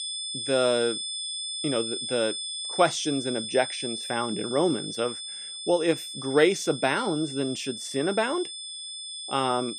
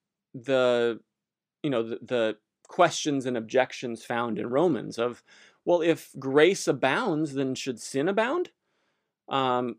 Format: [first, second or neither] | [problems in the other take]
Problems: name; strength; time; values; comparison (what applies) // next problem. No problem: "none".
second | high-pitched whine; loud; throughout; 3.5 kHz, 6 dB below the speech